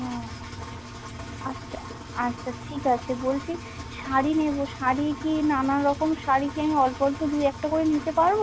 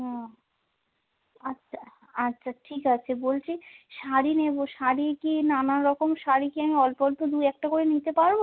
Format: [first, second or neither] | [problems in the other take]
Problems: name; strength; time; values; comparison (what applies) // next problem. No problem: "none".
second | background sound (Engine); 12 dB below the speech